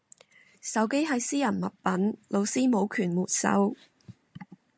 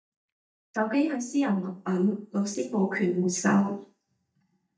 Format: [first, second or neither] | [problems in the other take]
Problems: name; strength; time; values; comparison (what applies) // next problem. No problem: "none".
first | noise reduction (neural mask model DeepFilterNet 3)